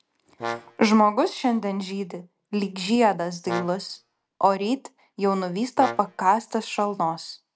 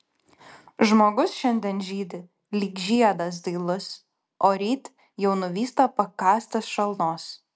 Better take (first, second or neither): second